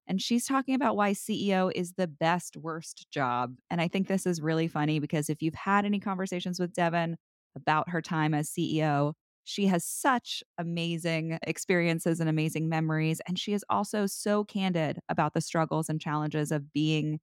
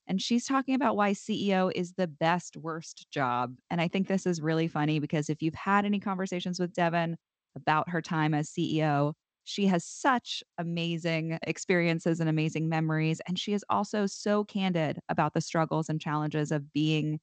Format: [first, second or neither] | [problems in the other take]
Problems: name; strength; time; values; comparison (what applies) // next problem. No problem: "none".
first | garbled, watery; slightly; nothing above 8 kHz